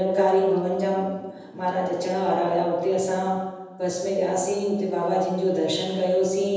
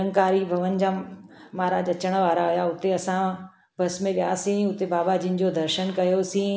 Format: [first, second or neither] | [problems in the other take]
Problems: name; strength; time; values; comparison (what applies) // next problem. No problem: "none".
second | room echo; dies away in 1.1 s